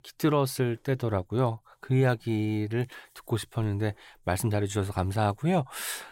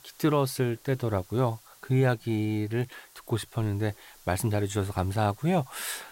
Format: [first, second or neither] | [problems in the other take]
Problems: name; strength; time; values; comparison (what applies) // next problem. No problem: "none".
first | hiss; faint; throughout; 25 dB below the speech